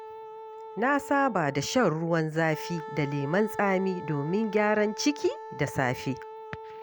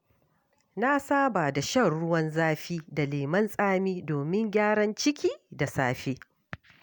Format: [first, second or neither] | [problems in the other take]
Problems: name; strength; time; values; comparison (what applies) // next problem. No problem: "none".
second | background sound (Wind instrument, woodwind instrument); 13 dB below the speech